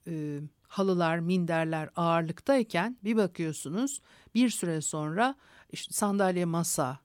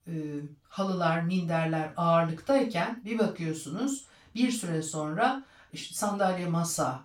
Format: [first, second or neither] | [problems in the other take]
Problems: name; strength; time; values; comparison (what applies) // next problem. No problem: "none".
first | room echo; slight; dies away in 0.3 s // off-mic speech; far